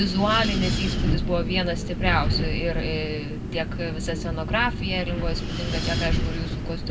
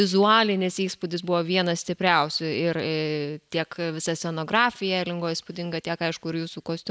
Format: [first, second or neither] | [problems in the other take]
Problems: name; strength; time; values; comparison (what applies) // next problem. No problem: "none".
second | background sound (Wind); 1 dB above the speech // room echo; dies away in 0.3 s